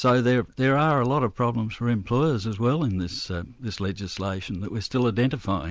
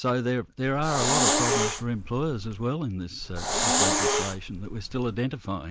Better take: first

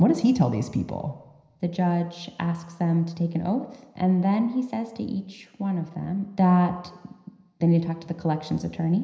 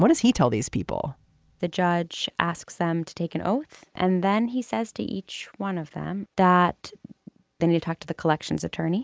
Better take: second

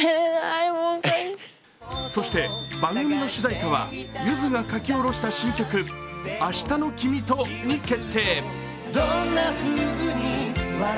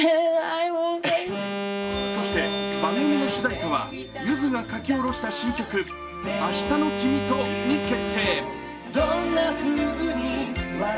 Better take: first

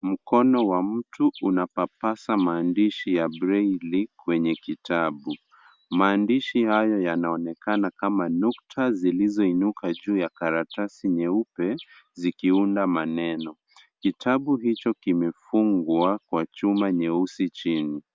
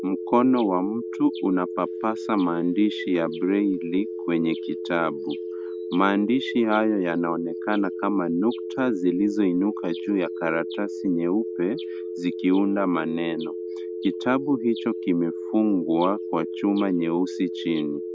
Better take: first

